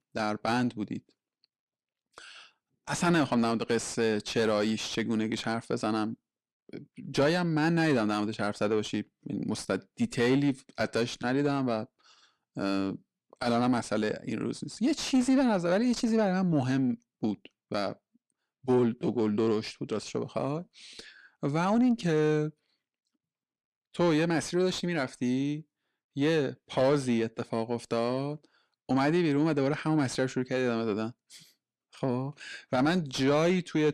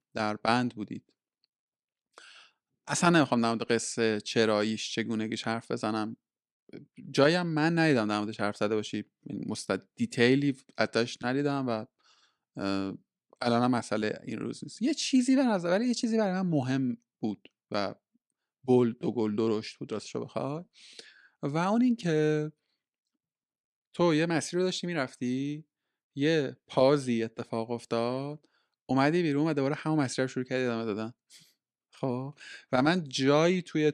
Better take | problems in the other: second | distortion; slight; 10 dB below the speech

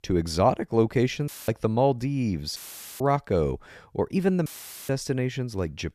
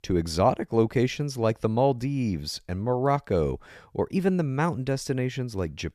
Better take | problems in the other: second | audio cutting out; filled with static; at 1.5 s, at 2.5 s and at 4.5 s

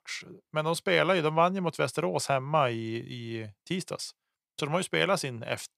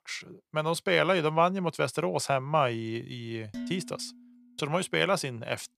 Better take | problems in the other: first | clattering dishes; faint; at 3.5 s; peak 10 dB below the speech

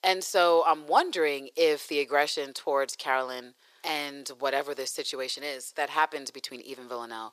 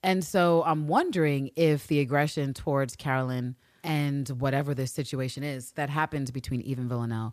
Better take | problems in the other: second | thin; very; fading below 400 Hz

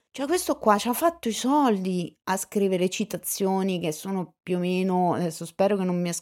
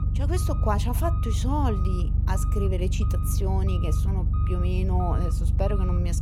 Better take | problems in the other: first | low rumble; loud; throughout; 6 dB below the speech

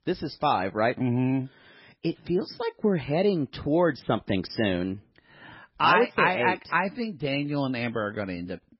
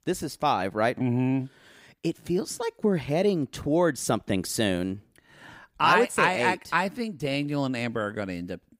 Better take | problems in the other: second | garbled, watery; badly; nothing above 5.5 kHz

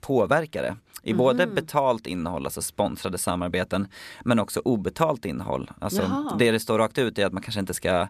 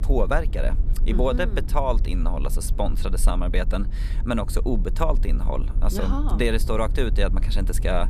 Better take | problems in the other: first | low rumble; noticeable; throughout; 15 dB below the speech

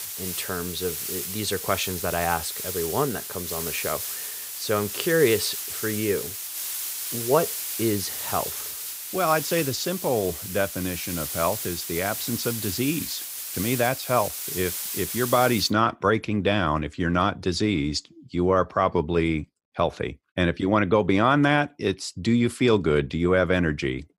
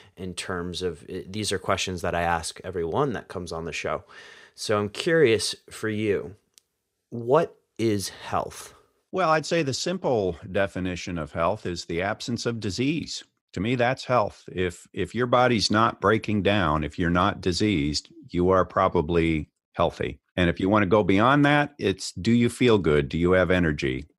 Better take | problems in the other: second | hiss; loud; until 16 s; 5 dB below the speech

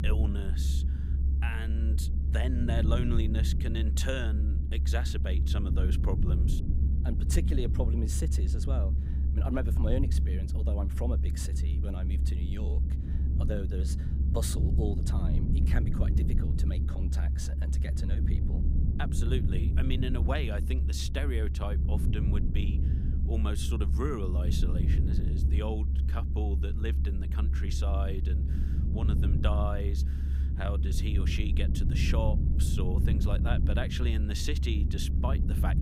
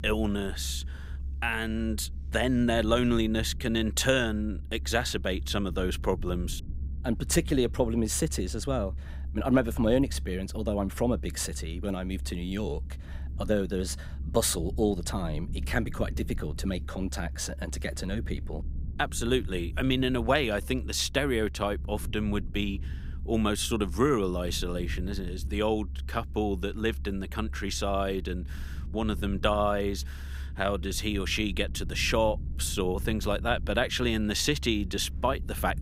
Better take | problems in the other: second | low rumble; loud; throughout; 5 dB below the speech; faint in the second

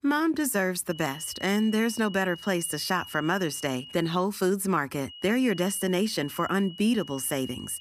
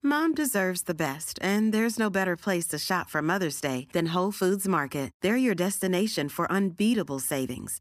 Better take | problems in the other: second | high-pitched whine; noticeable; from 1 to 4 s and from 5 s on; 3 kHz, 15 dB below the speech

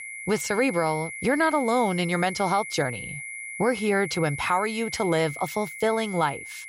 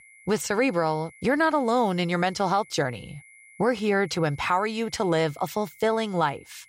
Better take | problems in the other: second | high-pitched whine; loud; throughout; 2 kHz, 9 dB below the speech; faint in the second

